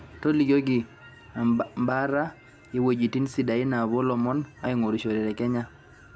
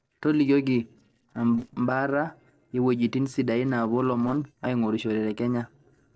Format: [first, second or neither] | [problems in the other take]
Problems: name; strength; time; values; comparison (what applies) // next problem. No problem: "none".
first | noise reduction (neural separator model SepFormer DNS4)